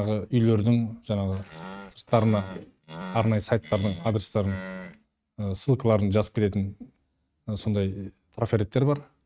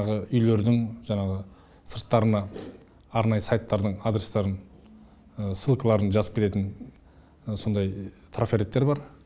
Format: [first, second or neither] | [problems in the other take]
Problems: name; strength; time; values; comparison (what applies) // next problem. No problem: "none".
second | noise reduction (neural mask model RNNoise)